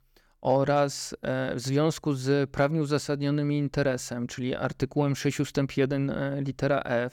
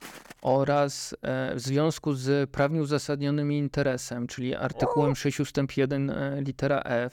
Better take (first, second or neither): first